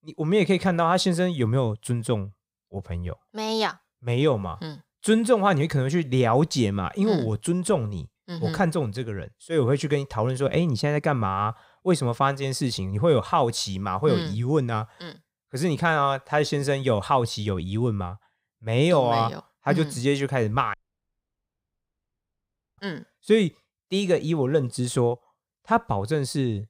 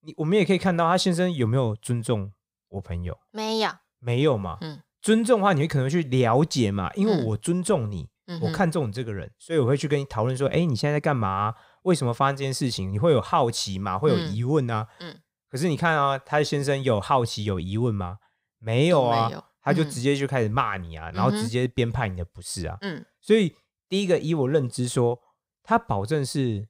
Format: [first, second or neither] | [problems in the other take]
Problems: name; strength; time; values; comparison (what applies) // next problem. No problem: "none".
second | audio cutting out; at 21 s for 2 s